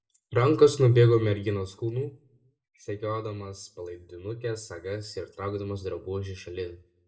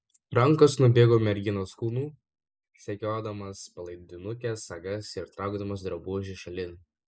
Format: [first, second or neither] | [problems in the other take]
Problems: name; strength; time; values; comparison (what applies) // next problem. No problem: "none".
second | room echo; dies away in 0.3 s